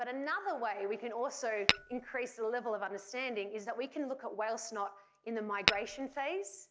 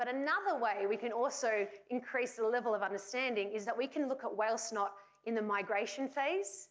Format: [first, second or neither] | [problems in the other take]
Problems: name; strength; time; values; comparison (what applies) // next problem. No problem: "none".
second | background sound (Tap / Glass); 4 dB above the speech